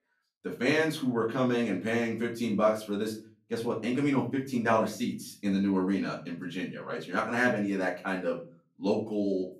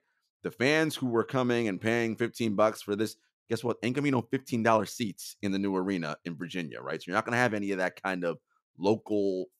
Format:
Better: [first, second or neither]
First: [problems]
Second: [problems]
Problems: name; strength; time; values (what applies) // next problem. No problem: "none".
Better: second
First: room echo; slight; dies away in 0.3 s // off-mic speech; far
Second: none